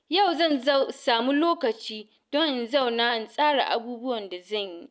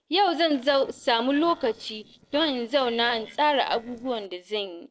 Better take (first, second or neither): first